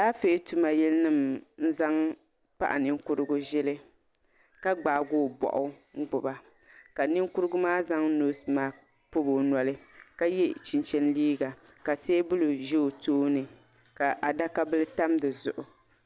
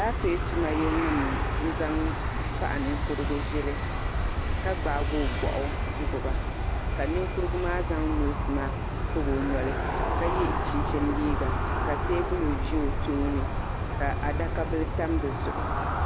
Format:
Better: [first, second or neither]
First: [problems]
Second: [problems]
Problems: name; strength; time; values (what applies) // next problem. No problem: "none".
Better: first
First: none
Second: background sound (Aircraft); 3 dB above the speech